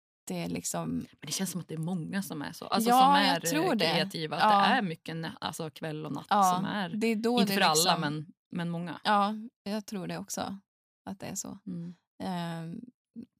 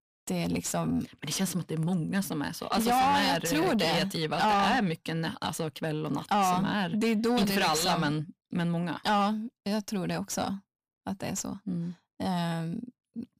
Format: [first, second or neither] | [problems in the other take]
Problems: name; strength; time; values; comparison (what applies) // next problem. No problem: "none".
first | distortion; heavy; 7 dB below the speech